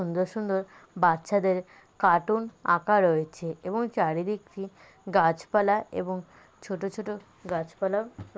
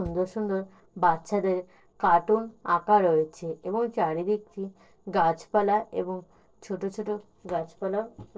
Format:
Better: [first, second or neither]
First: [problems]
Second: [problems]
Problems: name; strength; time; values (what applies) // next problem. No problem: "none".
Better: first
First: none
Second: noise reduction (neural separator model SepFormer DNS4)